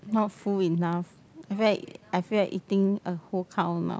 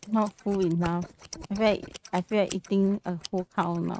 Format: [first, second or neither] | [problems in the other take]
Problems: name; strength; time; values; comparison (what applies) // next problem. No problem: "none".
first | noise reduction (neural mask model RNNoise)